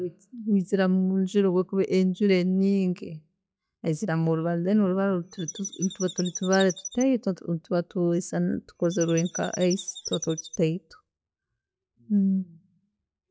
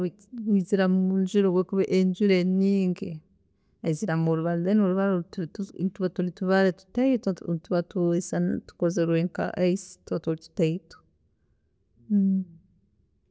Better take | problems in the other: second | noise reduction (classical method log-MMSE)

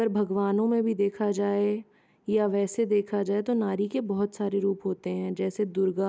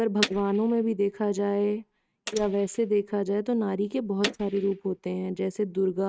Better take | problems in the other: first | noise reduction (neural mask model RNNoise)

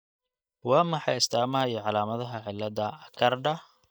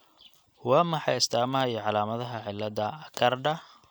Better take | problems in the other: second | noise reduction (neural mask model DeepFilterNet 3)

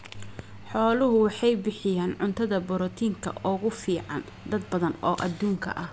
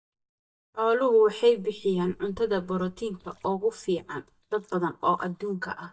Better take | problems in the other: first | noise reduction (neural mask model DeepFilterNet 3)

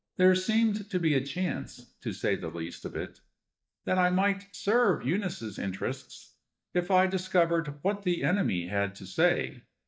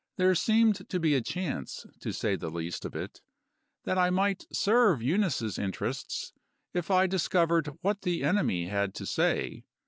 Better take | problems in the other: second | noise reduction (neural mask model DeepFilterNet 3)

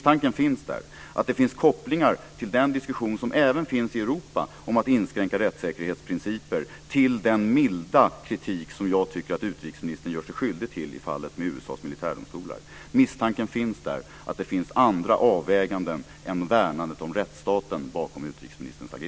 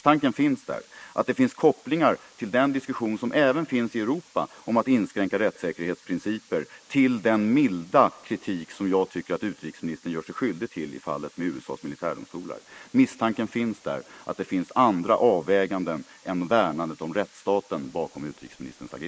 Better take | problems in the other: first | noise reduction (neural mask model Resemble Enhance denoiser)

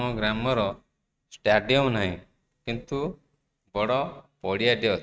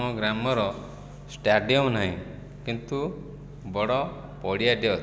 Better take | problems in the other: second | noise reduction (neural mask model RNNoise)

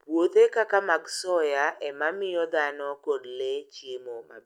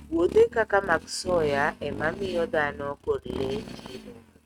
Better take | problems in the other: first | noise reduction (neural mask model RNNoise)

